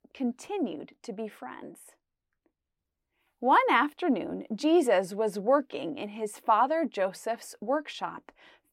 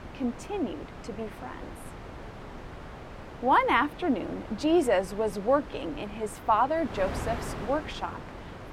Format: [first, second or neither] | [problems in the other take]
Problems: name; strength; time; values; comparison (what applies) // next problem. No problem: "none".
first | wind noise on the microphone; occasional gusts; 15 dB below the speech